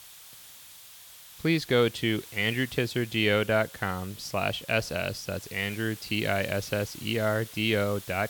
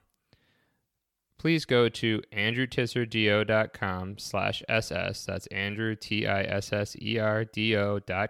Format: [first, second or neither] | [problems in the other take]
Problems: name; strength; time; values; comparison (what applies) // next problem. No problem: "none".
second | hiss; noticeable; throughout; 15 dB below the speech